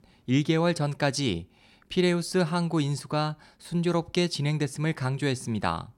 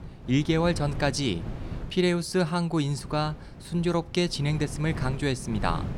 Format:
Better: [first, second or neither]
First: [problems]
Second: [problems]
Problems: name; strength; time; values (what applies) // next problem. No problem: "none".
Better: first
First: none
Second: wind noise on the microphone; occasional gusts; 15 dB below the speech